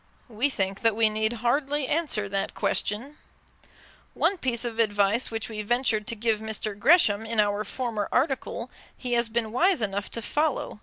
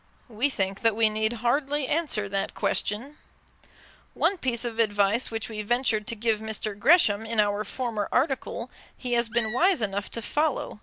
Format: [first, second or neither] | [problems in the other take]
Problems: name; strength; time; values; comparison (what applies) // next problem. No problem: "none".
first | background sound (Animal); 14 dB below the speech